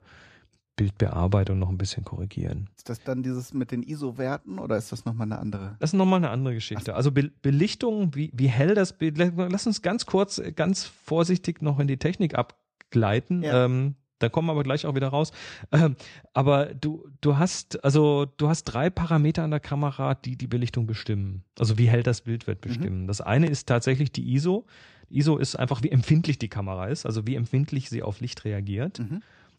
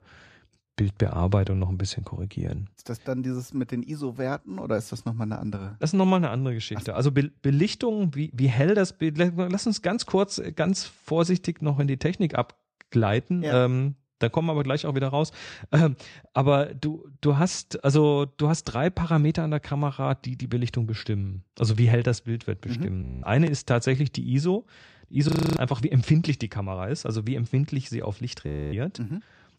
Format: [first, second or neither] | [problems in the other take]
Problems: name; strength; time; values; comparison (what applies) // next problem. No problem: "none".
first | audio freezing; at 23 s, at 25 s and at 28 s